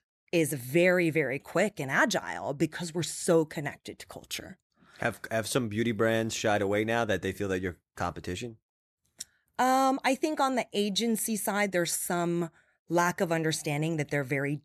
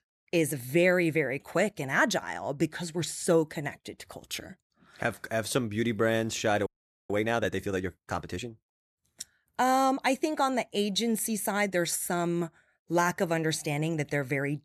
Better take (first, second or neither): first